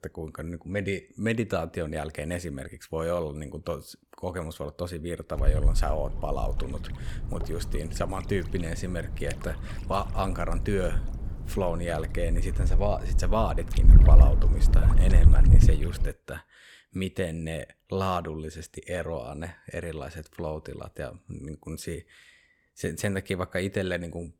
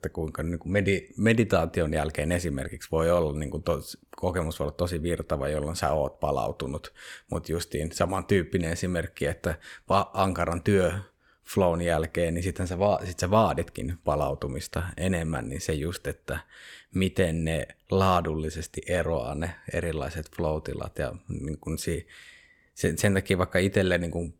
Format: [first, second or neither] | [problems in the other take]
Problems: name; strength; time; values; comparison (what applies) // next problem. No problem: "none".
second | wind noise on the microphone; heavy; from 5.5 to 16 s; 9 dB below the speech